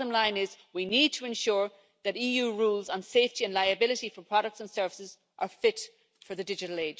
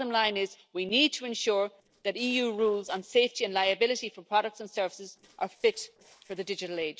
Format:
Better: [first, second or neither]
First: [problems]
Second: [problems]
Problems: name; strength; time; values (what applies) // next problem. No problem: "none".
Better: first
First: none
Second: noise reduction (neural separator model SepFormer DNS4)